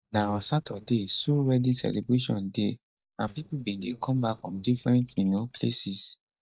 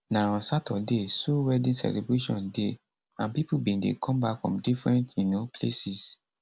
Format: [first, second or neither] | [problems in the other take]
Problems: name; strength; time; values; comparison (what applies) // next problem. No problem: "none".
second | noise reduction (neural mask model DeepFilterNet 3)